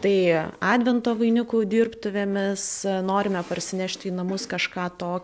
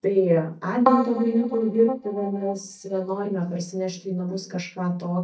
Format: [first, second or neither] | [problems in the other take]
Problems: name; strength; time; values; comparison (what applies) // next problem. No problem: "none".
first | noise reduction (neural mask model DeepFilterNet 3)